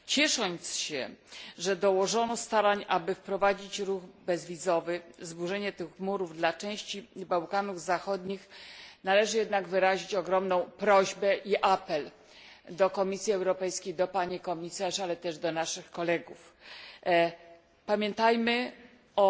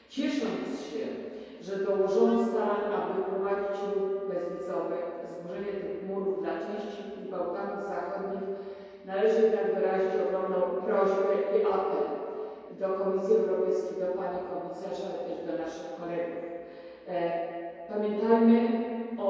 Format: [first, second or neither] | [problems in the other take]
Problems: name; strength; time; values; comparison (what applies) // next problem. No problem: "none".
first | background sound (Wind instrument, woodwind instrument); 19 dB below the speech // room echo; dies away in 2.2 s